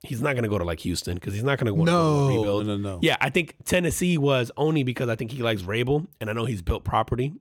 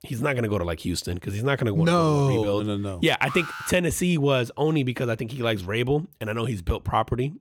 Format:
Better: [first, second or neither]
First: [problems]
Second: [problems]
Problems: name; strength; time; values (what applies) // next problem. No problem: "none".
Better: first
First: none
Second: alarm; noticeable; at 3.5 s; peak 9 dB below the speech